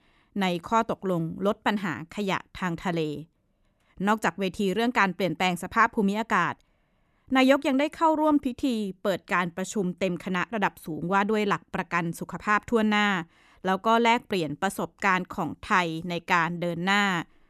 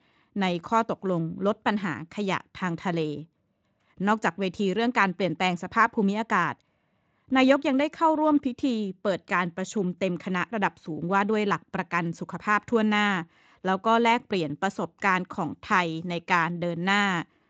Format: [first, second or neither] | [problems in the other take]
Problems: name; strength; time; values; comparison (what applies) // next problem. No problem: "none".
first | garbled, watery; slightly; nothing above 7.5 kHz